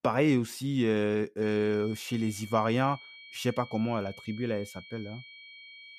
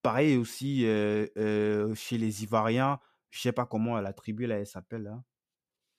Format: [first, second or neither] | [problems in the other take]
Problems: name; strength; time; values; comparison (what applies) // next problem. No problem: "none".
second | high-pitched whine; noticeable; from 1.5 s on; 2.5 kHz, 15 dB below the speech